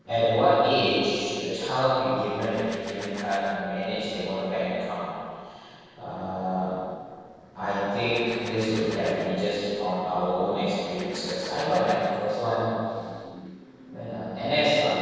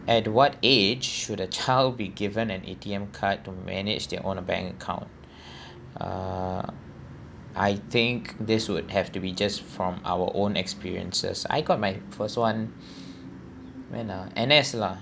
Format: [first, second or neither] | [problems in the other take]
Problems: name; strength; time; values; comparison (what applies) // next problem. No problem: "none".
second | noise reduction (neural separator model SepFormer DNS4)